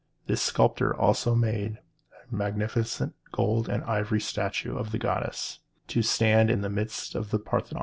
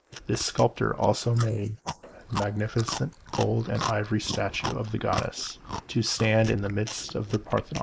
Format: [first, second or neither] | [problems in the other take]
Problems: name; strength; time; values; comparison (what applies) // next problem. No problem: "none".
first | noise reduction (neural mask model Resemble Enhance denoiser)